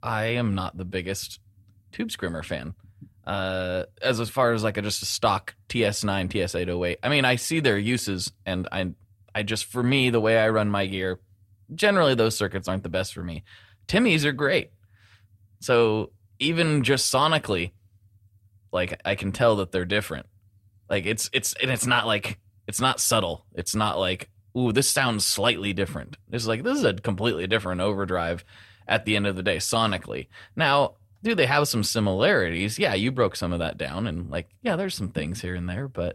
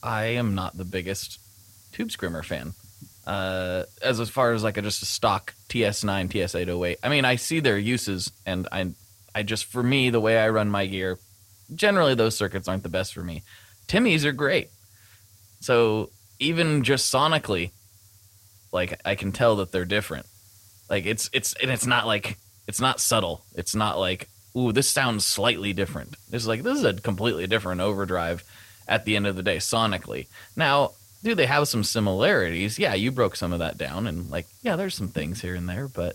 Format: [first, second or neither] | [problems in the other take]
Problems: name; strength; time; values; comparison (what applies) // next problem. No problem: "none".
first | hiss; faint; throughout; 25 dB below the speech